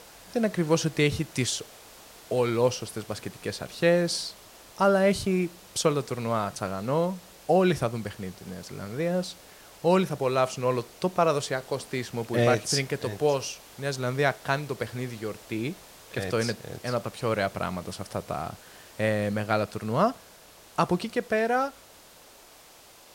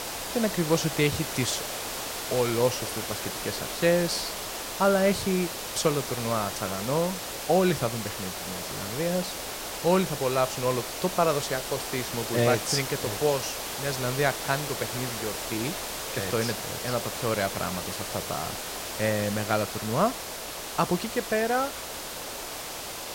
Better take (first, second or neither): first